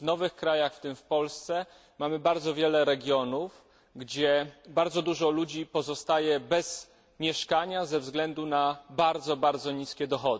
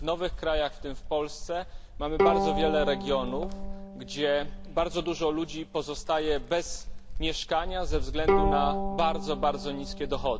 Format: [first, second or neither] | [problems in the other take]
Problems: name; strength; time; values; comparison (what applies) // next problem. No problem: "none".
first | background sound (Wind + Bowed string instrument); 1 dB below the speech